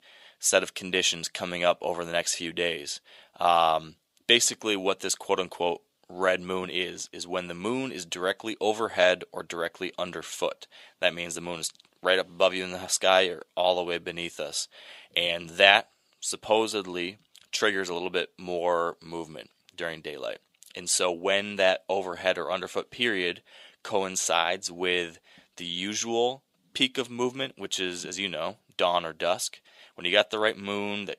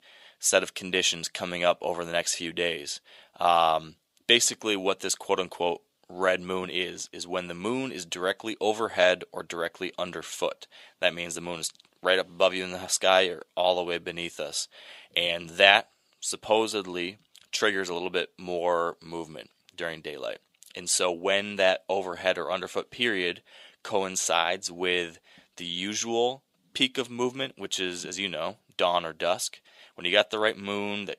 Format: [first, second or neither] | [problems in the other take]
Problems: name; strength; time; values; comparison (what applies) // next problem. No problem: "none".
neither | thin; somewhat; fading below 350 Hz; the same in both